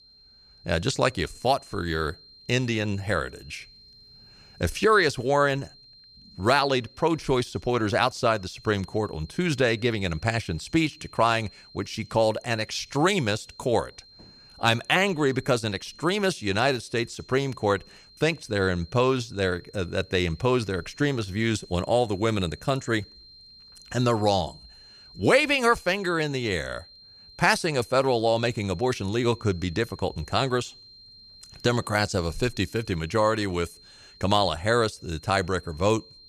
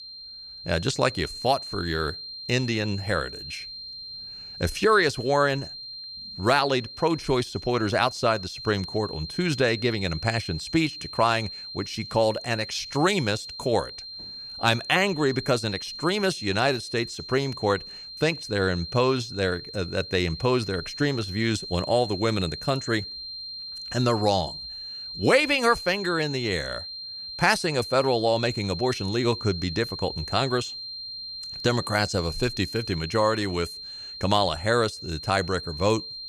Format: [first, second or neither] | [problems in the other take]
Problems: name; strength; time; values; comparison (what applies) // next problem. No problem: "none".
first | high-pitched whine; loud; throughout; 4 kHz, 10 dB below the speech; faint in the first